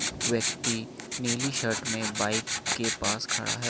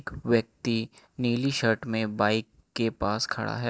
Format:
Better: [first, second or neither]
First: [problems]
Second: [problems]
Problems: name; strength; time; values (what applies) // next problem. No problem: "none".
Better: second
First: background sound (Writing); 1 dB above the speech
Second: none